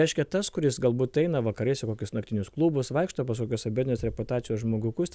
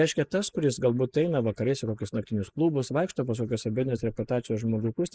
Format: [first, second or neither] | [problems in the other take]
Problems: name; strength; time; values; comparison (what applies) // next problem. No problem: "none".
first | noise reduction (neural mask model Resemble Enhance denoiser)